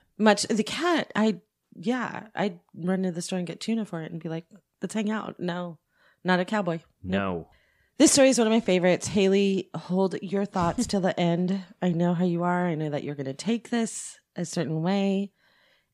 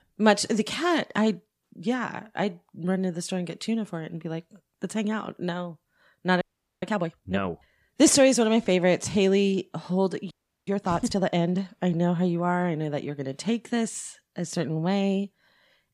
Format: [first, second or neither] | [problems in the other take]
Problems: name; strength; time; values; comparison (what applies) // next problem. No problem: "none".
first | audio freezing; at 6.5 s and at 10 s